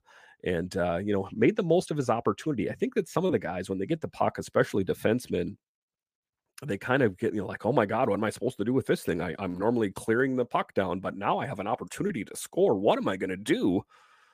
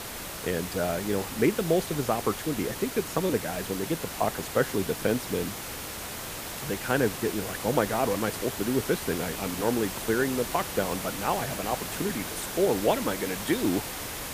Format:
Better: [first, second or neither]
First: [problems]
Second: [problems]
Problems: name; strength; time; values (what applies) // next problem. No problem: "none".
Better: first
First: none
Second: hiss; loud; throughout; 5 dB below the speech